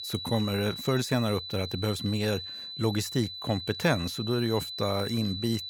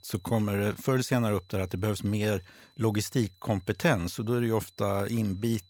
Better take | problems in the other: second | high-pitched whine; loud; throughout; 4 kHz, 7 dB below the speech; faint in the second

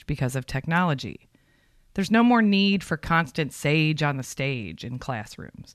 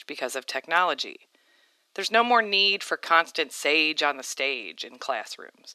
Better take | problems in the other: first | thin; very; fading below 350 Hz

